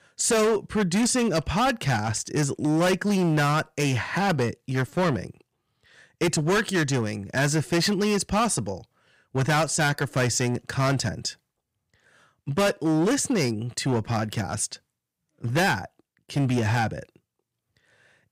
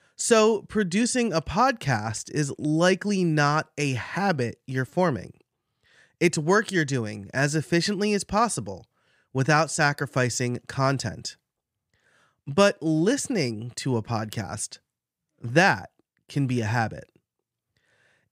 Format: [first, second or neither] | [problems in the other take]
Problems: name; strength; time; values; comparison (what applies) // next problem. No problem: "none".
second | distortion; heavy; 12% of the sound clipped